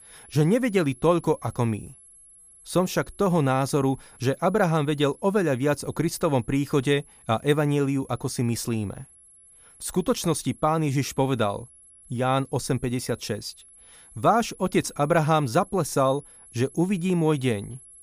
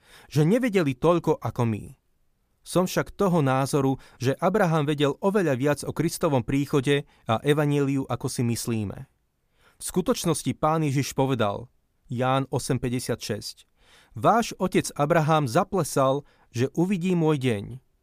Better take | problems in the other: second | high-pitched whine; faint; throughout; 11 kHz, 25 dB below the speech

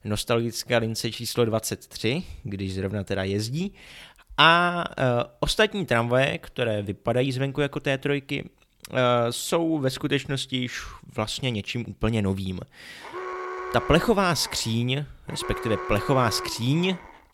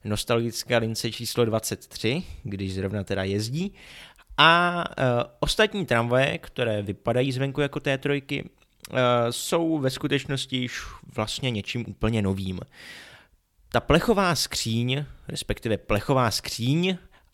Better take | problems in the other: second | alarm; noticeable; from 13 s on; peak 7 dB below the speech

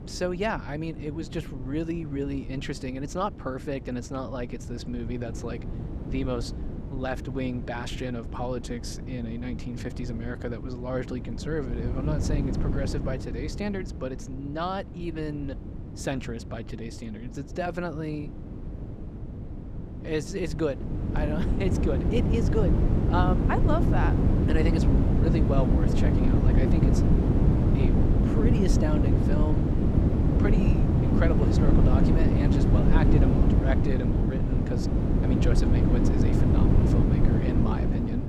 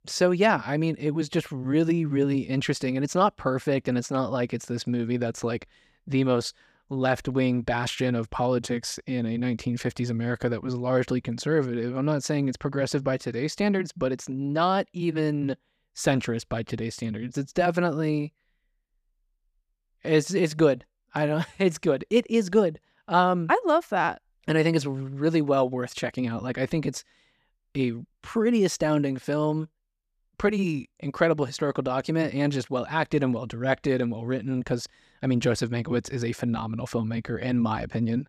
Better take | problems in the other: second | wind noise on the microphone; heavy; 2 dB above the speech

